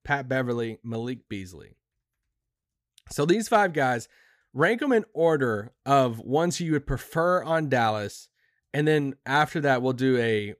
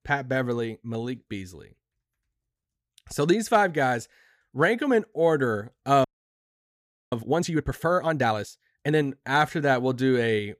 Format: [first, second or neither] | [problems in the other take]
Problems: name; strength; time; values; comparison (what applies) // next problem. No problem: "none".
first | audio freezing; at 6 s for 1 s